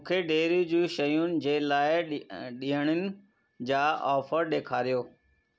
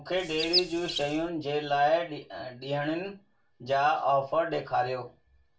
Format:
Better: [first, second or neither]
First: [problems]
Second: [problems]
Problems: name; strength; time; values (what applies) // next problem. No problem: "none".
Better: first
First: none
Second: background sound (Chirp, tweet); 3 dB below the speech // room echo; dies away in 0.2 s